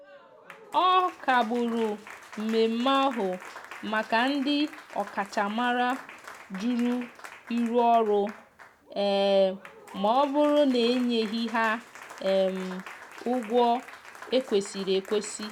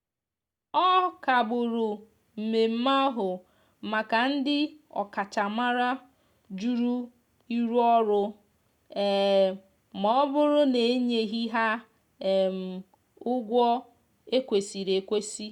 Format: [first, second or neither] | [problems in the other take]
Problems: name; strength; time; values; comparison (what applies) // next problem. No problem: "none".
second | background sound (Applause); 18 dB below the speech